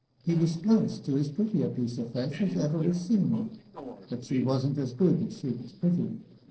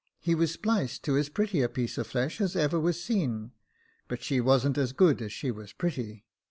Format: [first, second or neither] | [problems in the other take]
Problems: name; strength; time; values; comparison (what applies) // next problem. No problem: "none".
second | noise reduction (neural separator model SepFormer DNS4)